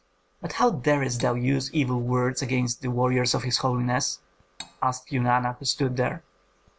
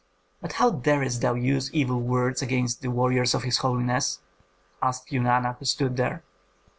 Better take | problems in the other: second | background sound (Cutlery, silverware); 19 dB below the speech

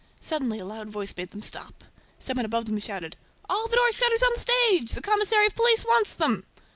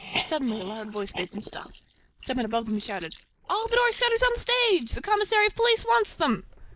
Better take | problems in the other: first | noise reduction (neural mask model Resemble Enhance denoiser)

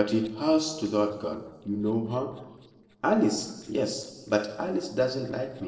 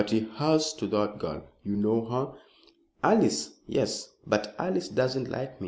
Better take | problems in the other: second | noise reduction (neural separator model SepFormer DNS4)

